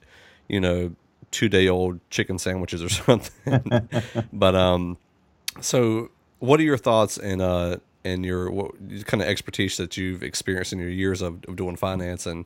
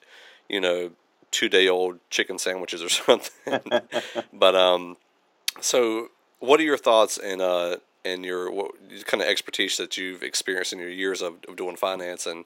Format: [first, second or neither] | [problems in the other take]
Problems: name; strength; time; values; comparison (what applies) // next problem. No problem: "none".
first | thin; somewhat; fading below 350 Hz